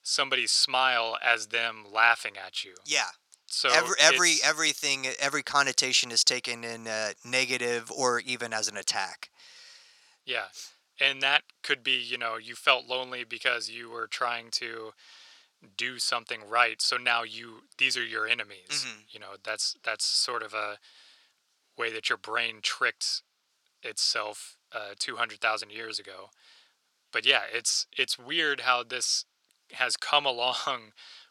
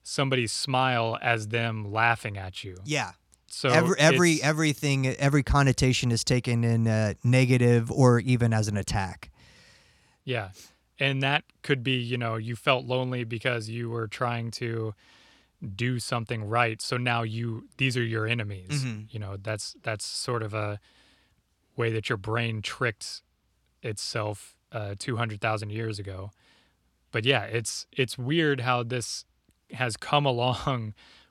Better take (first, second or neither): second